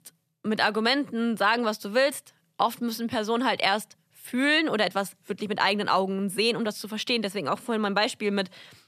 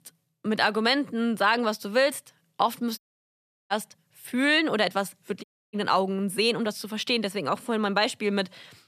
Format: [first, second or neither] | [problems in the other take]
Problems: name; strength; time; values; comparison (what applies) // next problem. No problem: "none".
first | audio cutting out; at 3 s for 0.5 s and at 5.5 s